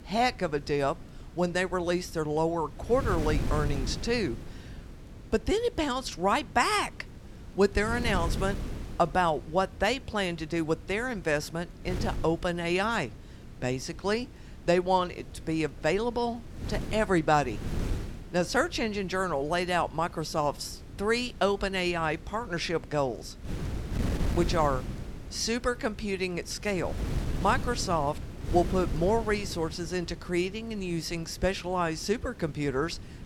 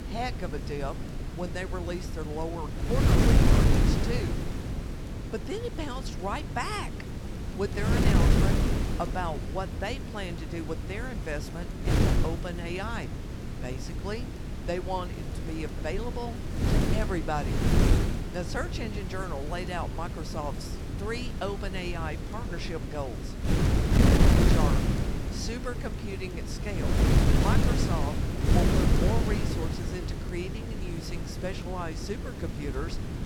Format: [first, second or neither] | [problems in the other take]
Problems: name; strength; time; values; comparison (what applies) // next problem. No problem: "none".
first | wind noise on the microphone; heavy; as loud as the speech; occasional gusts in the first